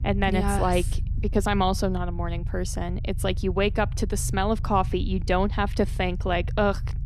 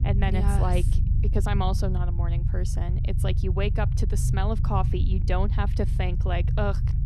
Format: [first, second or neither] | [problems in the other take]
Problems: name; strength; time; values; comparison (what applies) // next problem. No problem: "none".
first | low rumble; loud; throughout; 8 dB below the speech; faint in the first